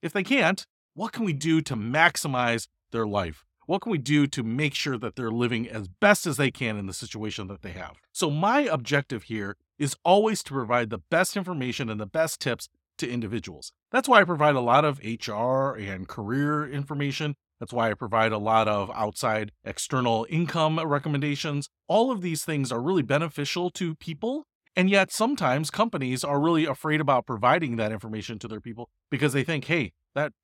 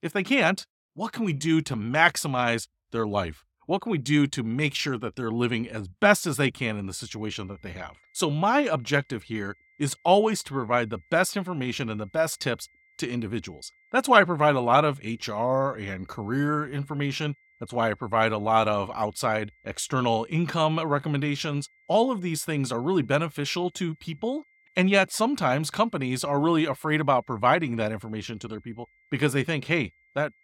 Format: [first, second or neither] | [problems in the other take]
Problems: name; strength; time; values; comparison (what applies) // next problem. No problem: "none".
first | high-pitched whine; faint; from 7 s on; 2 kHz, 35 dB below the speech